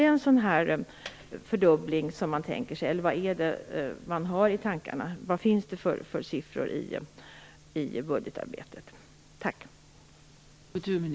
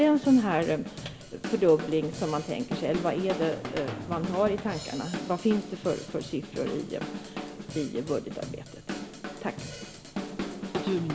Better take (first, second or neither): first